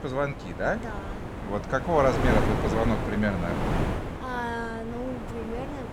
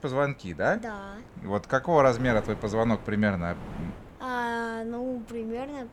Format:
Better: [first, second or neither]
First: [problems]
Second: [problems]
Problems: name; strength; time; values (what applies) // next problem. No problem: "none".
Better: second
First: wind noise on the microphone; heavy; 4 dB below the speech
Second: wind noise on the microphone; occasional gusts; 20 dB below the speech